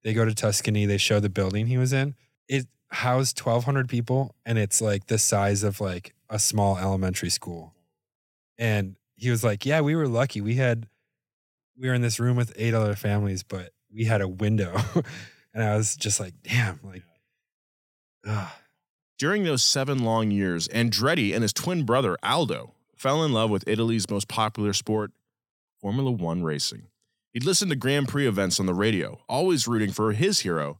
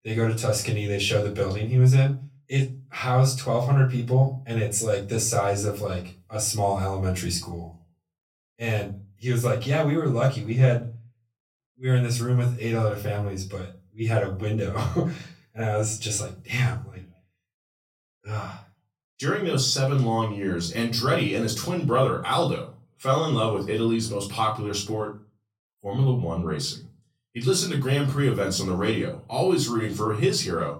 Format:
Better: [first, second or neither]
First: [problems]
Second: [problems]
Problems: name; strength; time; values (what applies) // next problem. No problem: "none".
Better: first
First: none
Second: off-mic speech; far // room echo; very slight; dies away in 0.3 s